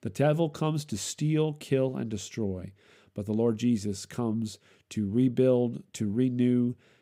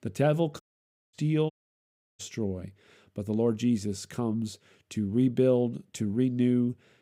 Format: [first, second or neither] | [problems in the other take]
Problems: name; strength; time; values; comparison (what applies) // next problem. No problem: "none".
first | audio cutting out; at 0.5 s for 0.5 s and at 1.5 s for 0.5 s